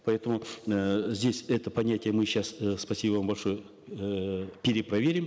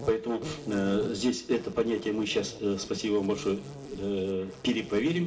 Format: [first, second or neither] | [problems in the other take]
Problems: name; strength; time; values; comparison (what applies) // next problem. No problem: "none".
first | background sound (Insect); 14 dB below the speech // room echo; dies away in 0.2 s